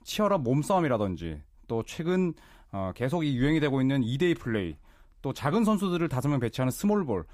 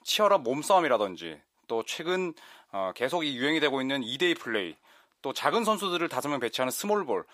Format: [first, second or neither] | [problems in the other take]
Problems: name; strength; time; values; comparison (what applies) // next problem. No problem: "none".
first | thin; somewhat; fading below 500 Hz